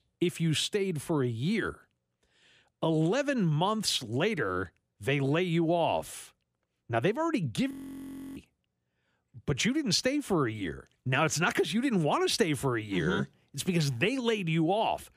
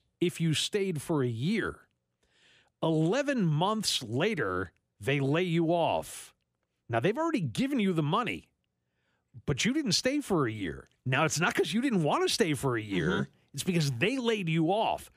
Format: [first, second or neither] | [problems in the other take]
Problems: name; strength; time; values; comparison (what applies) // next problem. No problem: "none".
second | audio freezing; at 7.5 s for 0.5 s